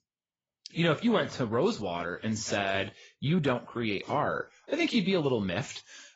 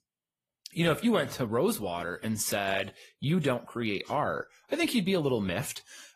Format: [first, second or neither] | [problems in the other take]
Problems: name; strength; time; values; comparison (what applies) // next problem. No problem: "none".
second | garbled, watery; badly; nothing above 7.5 kHz; slightly in the second